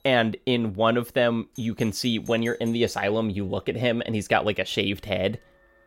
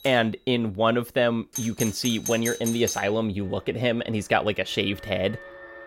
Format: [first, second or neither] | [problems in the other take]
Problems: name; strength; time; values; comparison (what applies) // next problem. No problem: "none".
first | alarms or sirens; loud; throughout; 8 dB below the speech; faint in the first